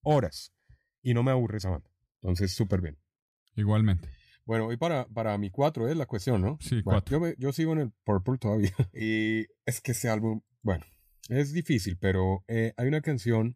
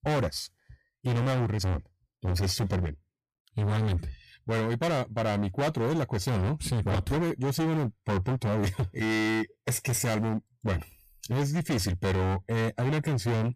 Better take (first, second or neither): first